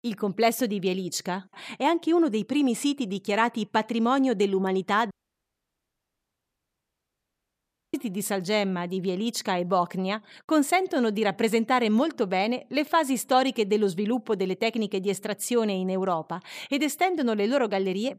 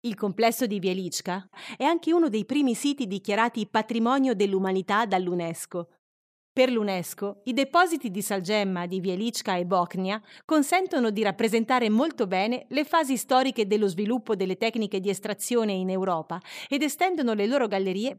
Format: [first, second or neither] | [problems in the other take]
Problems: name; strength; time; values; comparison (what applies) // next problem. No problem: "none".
second | audio cutting out; at 5 s for 3 s